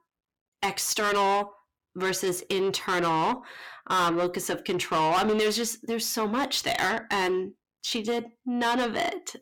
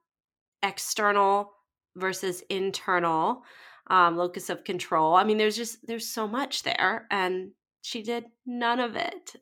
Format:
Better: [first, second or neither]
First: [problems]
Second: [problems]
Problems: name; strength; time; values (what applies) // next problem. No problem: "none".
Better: second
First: distortion; heavy; 6 dB below the speech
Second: none